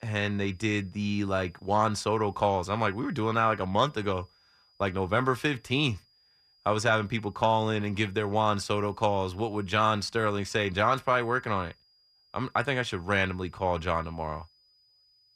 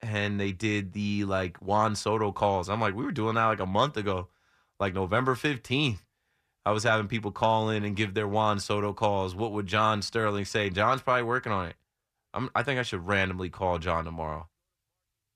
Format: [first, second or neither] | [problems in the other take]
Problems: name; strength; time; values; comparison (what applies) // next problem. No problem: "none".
second | high-pitched whine; faint; throughout; 5 kHz, 35 dB below the speech